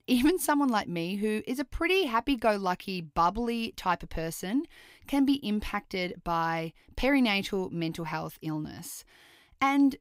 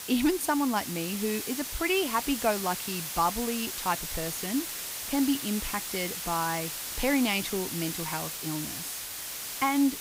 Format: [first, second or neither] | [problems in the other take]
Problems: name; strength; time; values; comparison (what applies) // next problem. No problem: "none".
first | hiss; loud; throughout; 4 dB below the speech